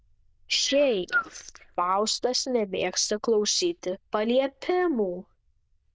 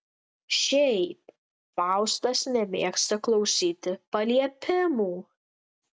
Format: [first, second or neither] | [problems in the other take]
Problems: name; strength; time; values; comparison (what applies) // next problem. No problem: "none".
second | noise reduction (neural diffusion model UNIVERSE++)